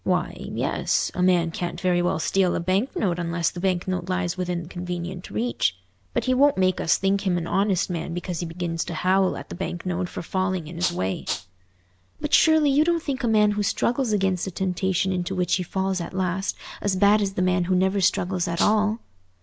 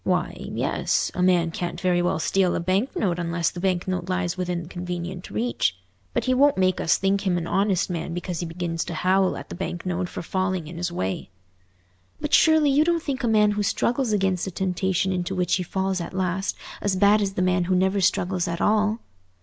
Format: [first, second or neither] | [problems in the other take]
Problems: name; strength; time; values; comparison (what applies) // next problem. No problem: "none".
second | background sound (Rattle (instrument)); 7 dB below the speech